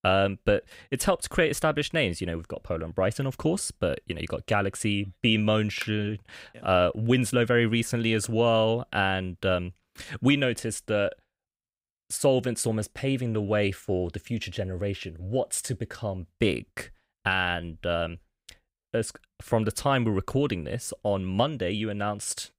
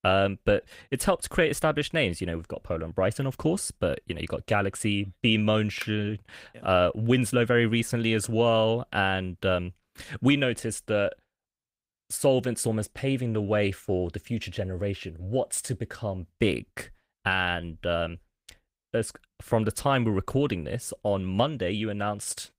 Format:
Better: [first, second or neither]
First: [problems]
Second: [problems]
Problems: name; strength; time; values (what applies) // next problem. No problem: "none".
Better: first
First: none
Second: garbled, watery; slightly; nothing above 15.5 kHz